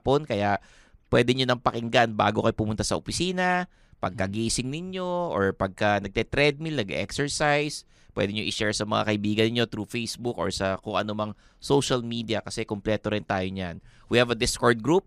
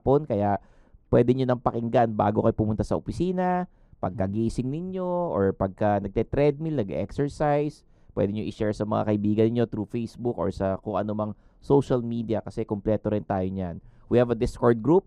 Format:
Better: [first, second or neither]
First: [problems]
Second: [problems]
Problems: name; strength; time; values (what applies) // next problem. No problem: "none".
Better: first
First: none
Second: muffled; very; fading above 1.5 kHz